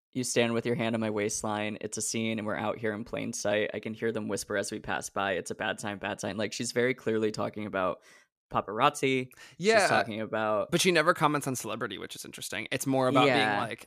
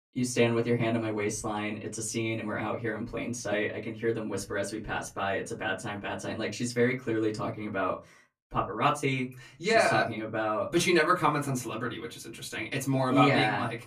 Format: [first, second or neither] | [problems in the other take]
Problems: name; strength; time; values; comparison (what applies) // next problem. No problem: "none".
first | off-mic speech; far // room echo; very slight; dies away in 0.2 s